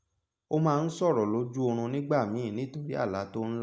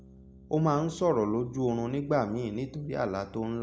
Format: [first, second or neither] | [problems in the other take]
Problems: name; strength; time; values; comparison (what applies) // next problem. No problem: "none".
first | background sound (Piano); 20 dB below the speech